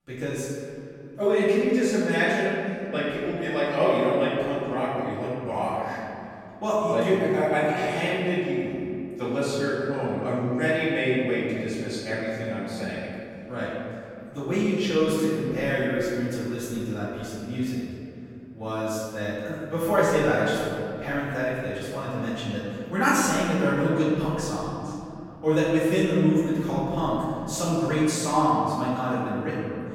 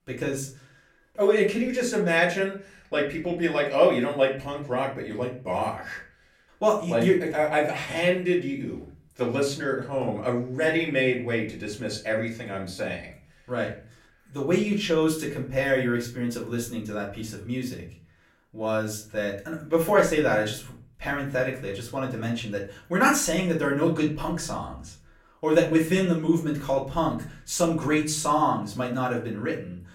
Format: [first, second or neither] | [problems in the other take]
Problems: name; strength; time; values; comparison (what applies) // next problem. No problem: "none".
second | room echo; strong; dies away in 2.6 s; slight in the second // off-mic speech; far; far in the second